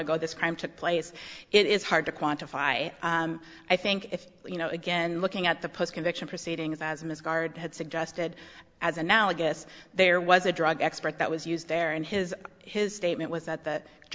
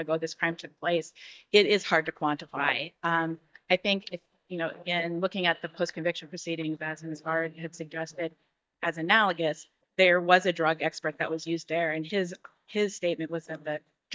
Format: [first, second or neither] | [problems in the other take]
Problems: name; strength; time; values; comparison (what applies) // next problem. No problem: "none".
first | noise reduction (neural mask model DeepFilterNet 3)